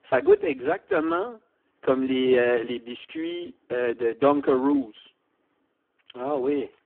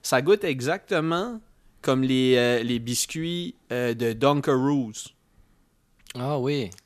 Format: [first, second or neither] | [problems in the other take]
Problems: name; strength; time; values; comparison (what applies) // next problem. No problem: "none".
second | phone-call audio; poor line